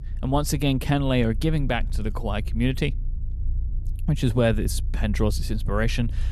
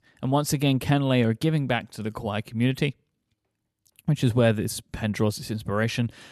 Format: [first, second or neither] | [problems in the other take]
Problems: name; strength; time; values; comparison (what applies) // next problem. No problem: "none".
second | low rumble; faint; throughout; 25 dB below the speech